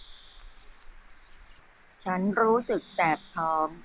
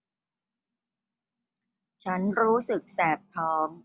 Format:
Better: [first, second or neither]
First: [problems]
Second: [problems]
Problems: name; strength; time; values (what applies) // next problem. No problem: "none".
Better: second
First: background sound (Bird); 20 dB below the speech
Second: none